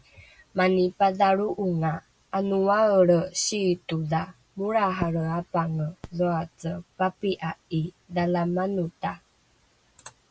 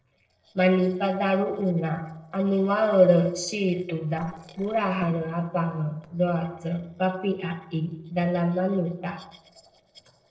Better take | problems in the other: first | noise reduction (neural separator model SepFormer DNS4)

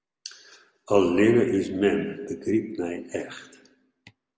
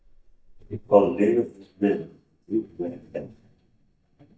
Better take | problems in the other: first | noise reduction (neural mask model DeepFilterNet 3)

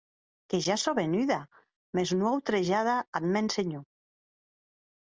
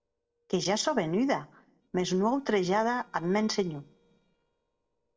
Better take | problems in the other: first | noise reduction (neural separator model SepFormer DNS4)

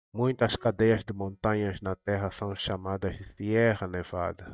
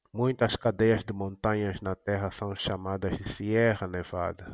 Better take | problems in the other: second | noise reduction (neural mask model DeepFilterNet 3)

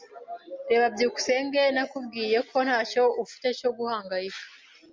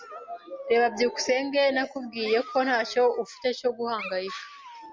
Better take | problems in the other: first | background sound (Dog); 18 dB below the speech

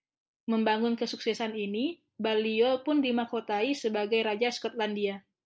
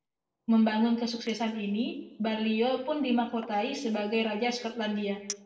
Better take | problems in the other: first | noise reduction (neural separator model SepFormer DNS4)

